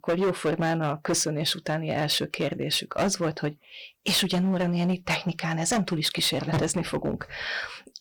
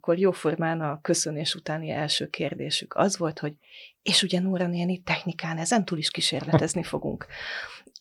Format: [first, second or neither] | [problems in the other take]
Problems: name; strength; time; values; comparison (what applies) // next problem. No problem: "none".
second | distortion; heavy; 11% of the sound clipped